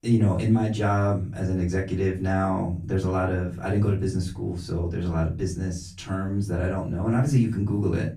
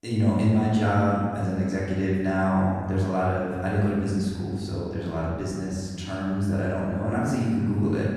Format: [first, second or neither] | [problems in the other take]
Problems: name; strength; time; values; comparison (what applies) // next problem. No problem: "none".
first | room echo; strong; dies away in 1.9 s; slight in the first // off-mic speech; far; far in the first